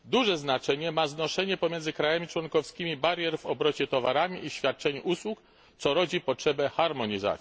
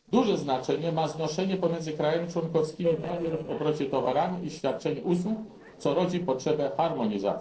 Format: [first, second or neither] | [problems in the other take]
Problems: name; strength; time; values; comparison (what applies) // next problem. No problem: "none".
first | noise reduction (neural separator model SepFormer DNS4)